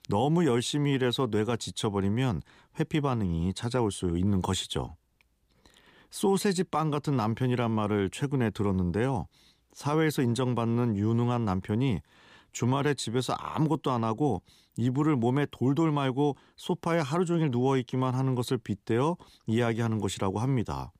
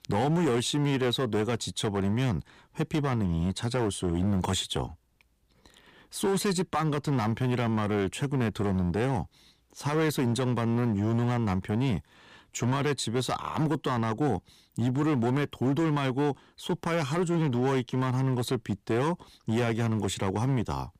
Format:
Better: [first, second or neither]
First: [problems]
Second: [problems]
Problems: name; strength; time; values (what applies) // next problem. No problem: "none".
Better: first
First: none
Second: distortion; slight; 11% of the sound clipped